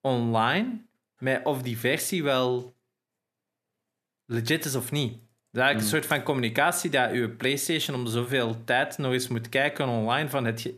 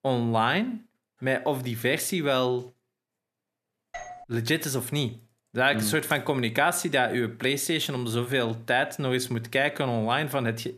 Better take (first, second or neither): first